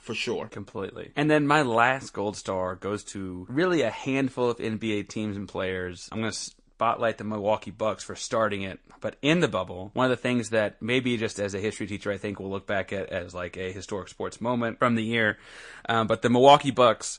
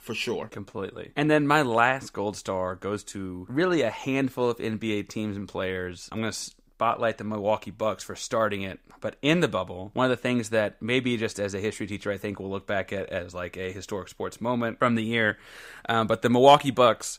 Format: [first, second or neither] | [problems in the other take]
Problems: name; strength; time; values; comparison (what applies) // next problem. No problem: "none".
second | garbled, watery; slightly; nothing above 9 kHz